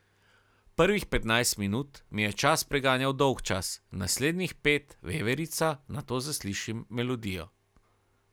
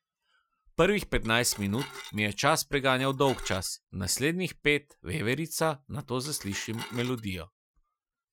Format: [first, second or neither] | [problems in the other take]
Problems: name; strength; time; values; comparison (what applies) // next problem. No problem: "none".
first | noise reduction (classical method Wiener filter)